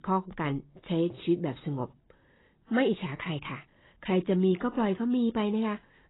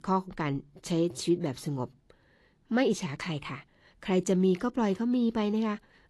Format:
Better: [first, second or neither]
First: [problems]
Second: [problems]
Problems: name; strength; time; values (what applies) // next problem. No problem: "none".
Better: second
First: garbled, watery; badly; nothing above 4 kHz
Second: garbled, watery; slightly; nothing above 11.5 kHz